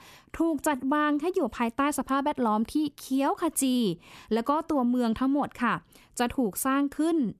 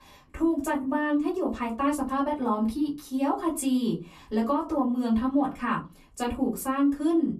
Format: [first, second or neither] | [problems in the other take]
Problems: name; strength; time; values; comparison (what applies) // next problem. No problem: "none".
first | off-mic speech; far // room echo; very slight; dies away in 0.3 s